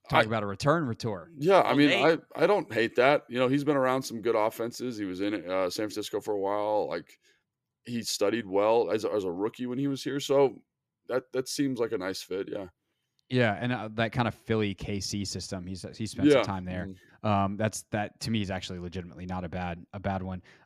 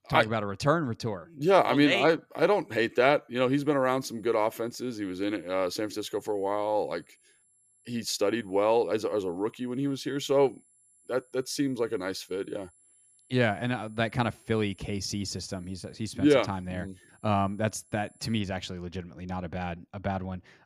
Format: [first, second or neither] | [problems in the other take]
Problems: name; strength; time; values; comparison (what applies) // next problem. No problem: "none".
first | high-pitched whine; faint; from 3.5 to 18 s; 11 kHz, 30 dB below the speech